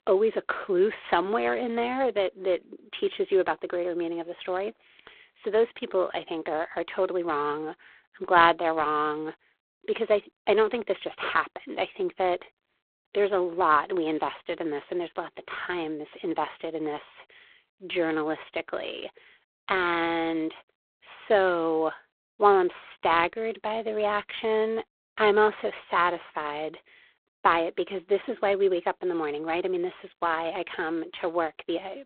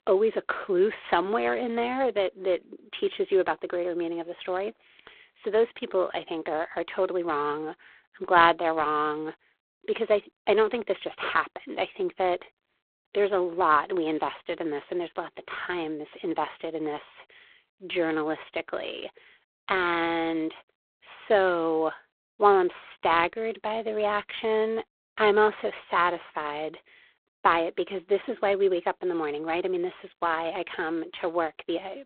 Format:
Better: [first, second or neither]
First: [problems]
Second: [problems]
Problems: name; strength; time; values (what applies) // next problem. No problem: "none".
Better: neither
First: phone-call audio; poor line; nothing above 3.5 kHz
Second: phone-call audio; poor line; nothing above 3.5 kHz